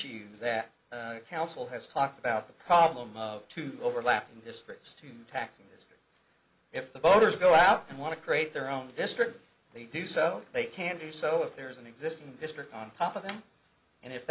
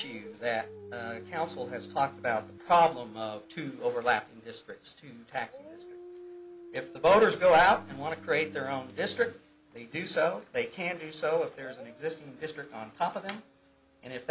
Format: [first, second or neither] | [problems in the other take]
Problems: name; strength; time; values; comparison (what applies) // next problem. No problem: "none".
first | background sound (Dog + Organ); 19 dB below the speech